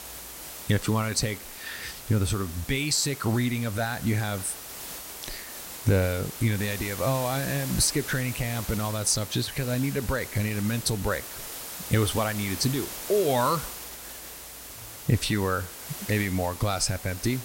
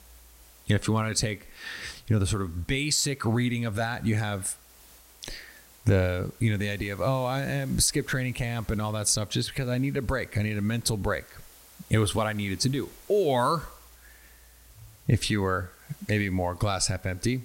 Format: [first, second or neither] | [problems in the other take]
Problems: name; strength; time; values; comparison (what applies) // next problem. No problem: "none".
second | hiss; loud; throughout; 9 dB below the speech; faint in the second